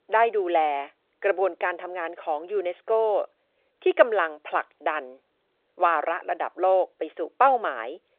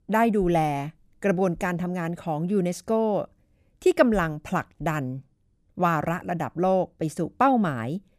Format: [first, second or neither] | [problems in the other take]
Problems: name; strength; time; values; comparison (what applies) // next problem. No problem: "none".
second | phone-call audio